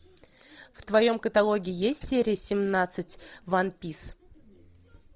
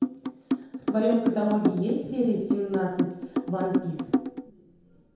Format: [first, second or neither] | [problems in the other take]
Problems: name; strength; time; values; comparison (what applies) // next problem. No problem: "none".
first | background sound (Drum); 1 dB below the speech // room echo; dies away in 0.9 s